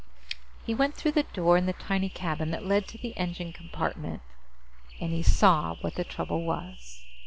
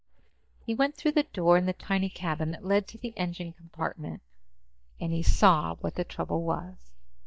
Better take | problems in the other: first | noise reduction (neural mask model DeepFilterNet 3)

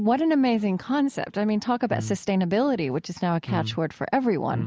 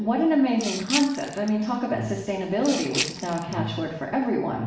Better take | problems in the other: first | background sound (Rattle (instrument)); 10 dB below the speech // room echo; dies away in 0.7 s

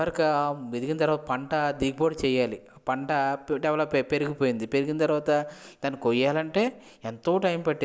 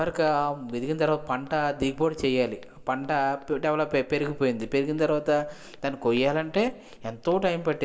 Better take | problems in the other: first | background sound (Walk, footsteps); 20 dB below the speech // room echo; dies away in 1.1 s

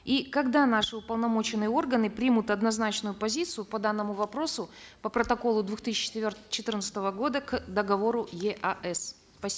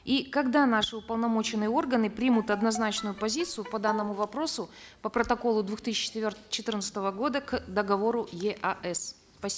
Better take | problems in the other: first | background sound (Bowed string instrument); 12 dB below the speech

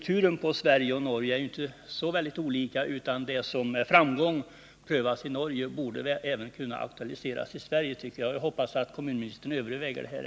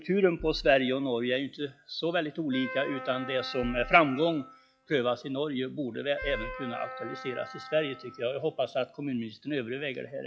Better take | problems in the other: first | noise reduction (classical method log-MMSE)

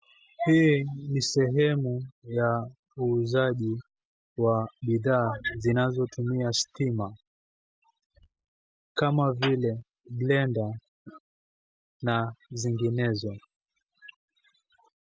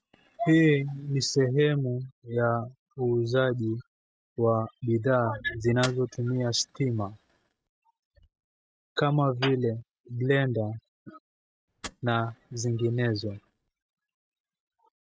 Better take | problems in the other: first | noise reduction (neural mask model RNNoise)

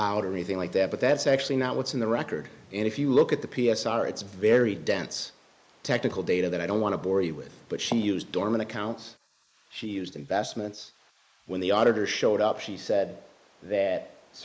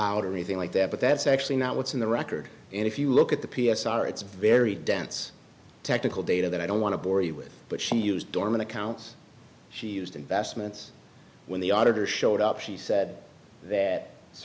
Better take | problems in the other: second | noise reduction (neural mask model Resemble Enhance denoiser)

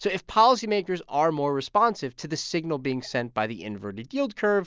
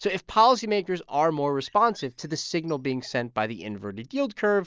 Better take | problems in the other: first | noise reduction (neural mask model DeepFilterNet 3)

